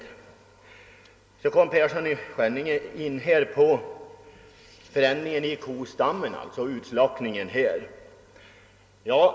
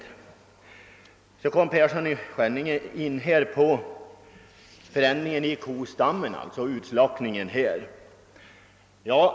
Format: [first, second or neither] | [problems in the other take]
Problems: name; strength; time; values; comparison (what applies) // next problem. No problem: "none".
second | room echo; dies away in 0.3 s